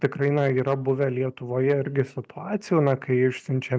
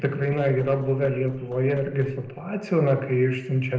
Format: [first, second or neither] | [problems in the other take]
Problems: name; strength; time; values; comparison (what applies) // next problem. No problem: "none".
first | noise reduction (neural separator model SepFormer DNS4)